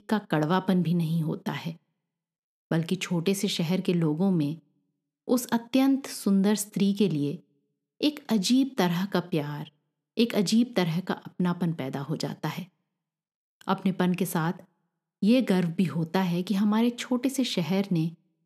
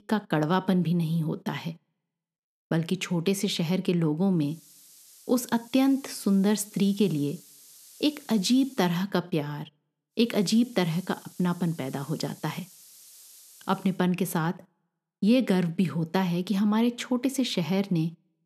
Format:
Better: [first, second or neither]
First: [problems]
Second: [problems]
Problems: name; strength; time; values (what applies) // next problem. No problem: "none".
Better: first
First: none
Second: hiss; faint; from 4.5 to 9 s and from 10 to 14 s; 25 dB below the speech